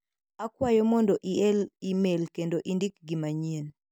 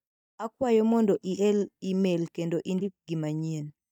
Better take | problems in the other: first | noise reduction (neural mask model DeepFilterNet 3)

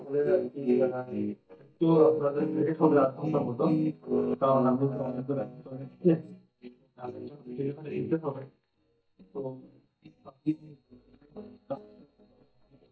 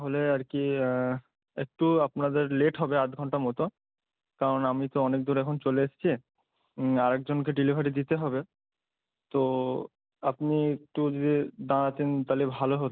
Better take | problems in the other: second | noise reduction (neural mask model DeepFilterNet 3)

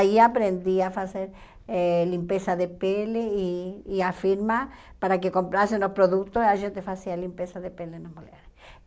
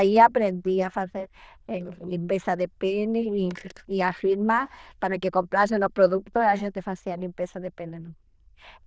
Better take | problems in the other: first | noise reduction (neural diffusion model UNIVERSE++)

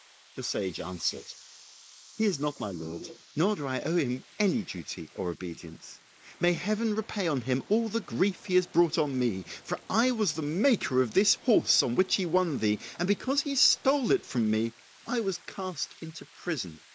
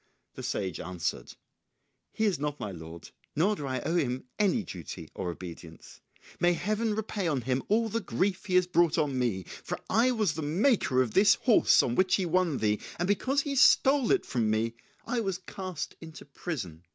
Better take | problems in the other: second | noise reduction (neural mask model Resemble Enhance denoiser)

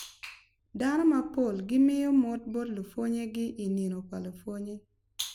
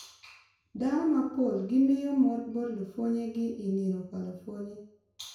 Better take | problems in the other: first | room echo; dies away in 0.6 s

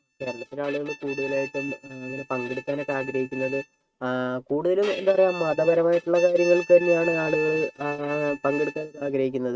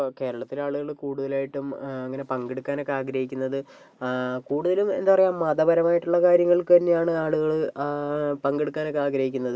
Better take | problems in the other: second | noise reduction (neural mask model RNNoise)

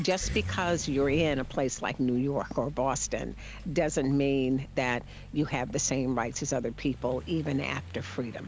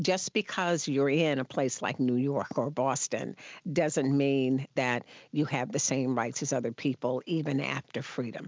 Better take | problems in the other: second | background sound (Accelerating, revving, vroom); 12 dB below the speech

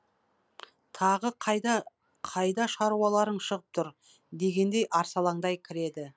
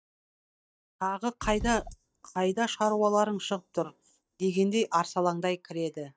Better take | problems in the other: first | noise reduction (neural mask model DeepFilterNet 3)

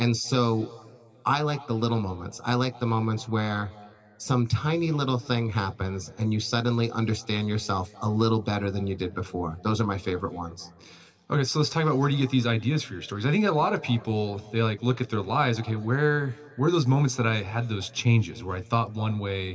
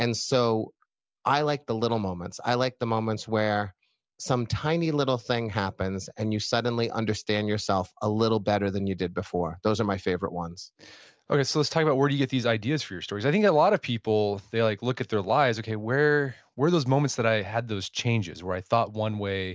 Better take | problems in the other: second | room echo; dies away in 2.7 s

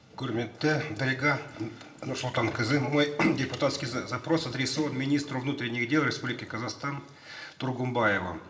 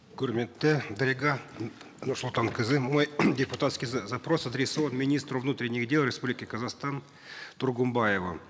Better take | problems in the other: second | room echo; dies away in 0.6 s

